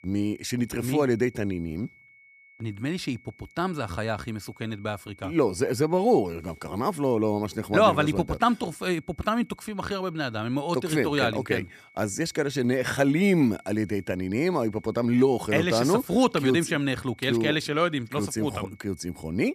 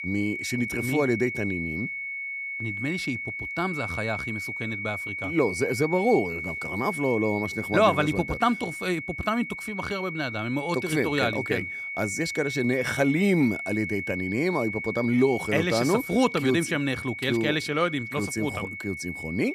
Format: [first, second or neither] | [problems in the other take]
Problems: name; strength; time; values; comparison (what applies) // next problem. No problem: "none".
first | high-pitched whine; loud; throughout; 2 kHz, 6 dB below the speech; faint in the first